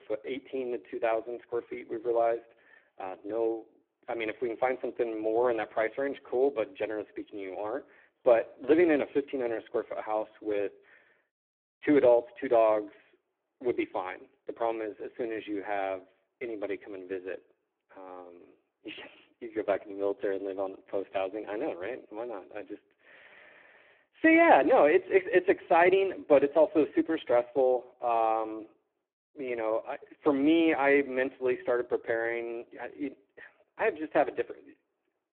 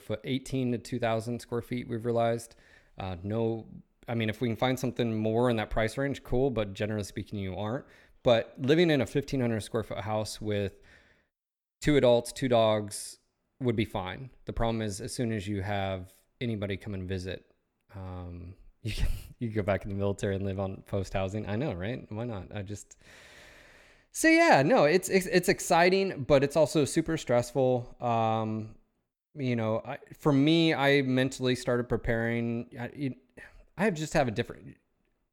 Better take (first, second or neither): second